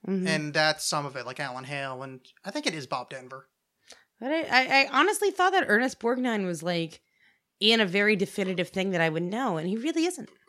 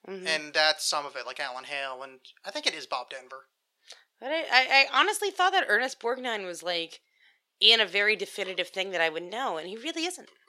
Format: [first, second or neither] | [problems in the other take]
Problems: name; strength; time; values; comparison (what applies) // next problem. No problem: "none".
first | thin; very; fading below 550 Hz